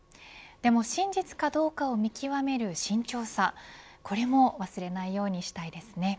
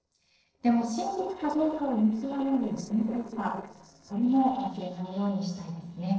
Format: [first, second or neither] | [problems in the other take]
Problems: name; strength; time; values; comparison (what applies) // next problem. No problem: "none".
first | noise reduction (neural separator model SepFormer DNS4)